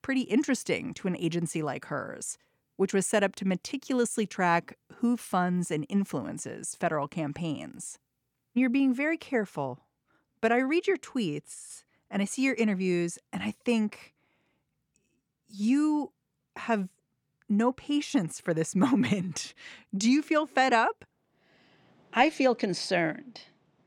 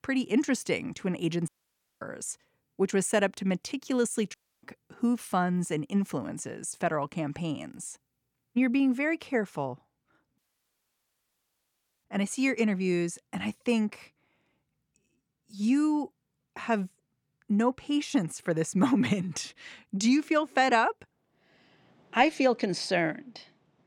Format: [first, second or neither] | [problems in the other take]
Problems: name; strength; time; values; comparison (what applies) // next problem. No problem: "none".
first | audio cutting out; at 1.5 s for 0.5 s, at 4.5 s and at 10 s for 1.5 s